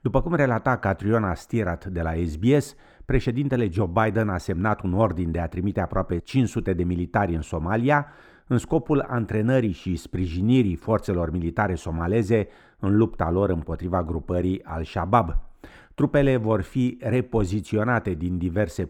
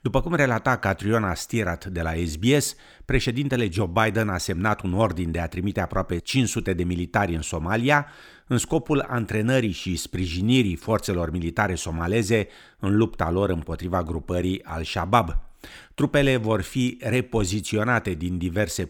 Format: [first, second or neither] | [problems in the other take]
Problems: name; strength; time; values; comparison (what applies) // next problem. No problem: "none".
second | muffled; slightly; fading above 2 kHz